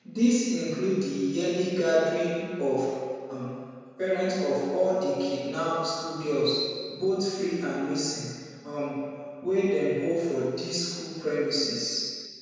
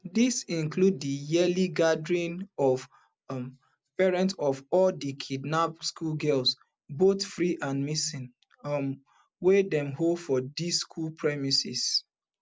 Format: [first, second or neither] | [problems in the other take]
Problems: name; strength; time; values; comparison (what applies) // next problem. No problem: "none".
second | room echo; dies away in 1.9 s